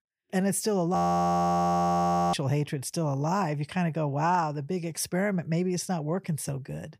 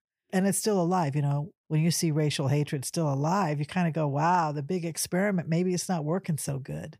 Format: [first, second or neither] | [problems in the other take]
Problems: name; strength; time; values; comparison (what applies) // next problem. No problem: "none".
second | audio freezing; at 1 s for 1.5 s